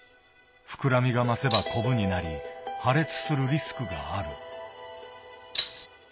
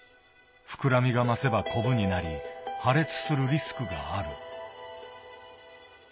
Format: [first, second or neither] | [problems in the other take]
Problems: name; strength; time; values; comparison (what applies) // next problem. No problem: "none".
second | background sound (Rattle (instrument)); 4 dB below the speech